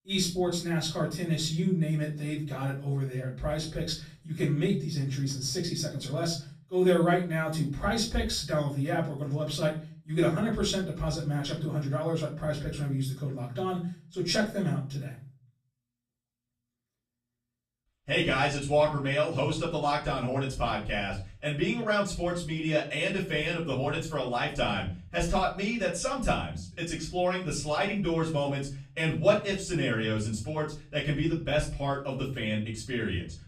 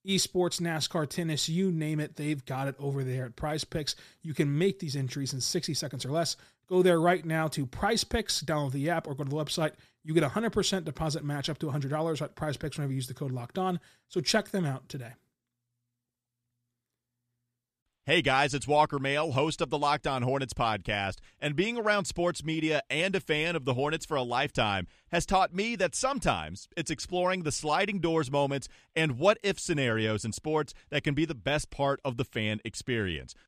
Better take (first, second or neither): second